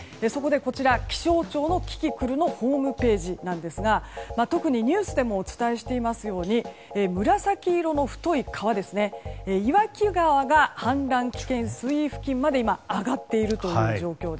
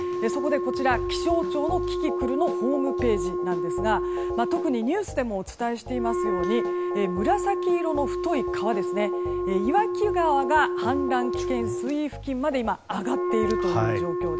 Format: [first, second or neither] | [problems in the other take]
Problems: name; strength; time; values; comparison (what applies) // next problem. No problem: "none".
first | background sound (Wind instrument, woodwind instrument); 1 dB below the speech